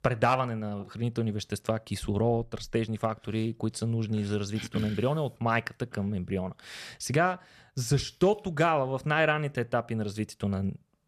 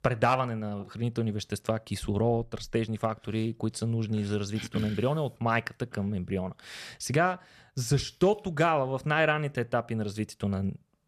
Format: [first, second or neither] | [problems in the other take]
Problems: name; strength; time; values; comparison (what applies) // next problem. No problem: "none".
neither | none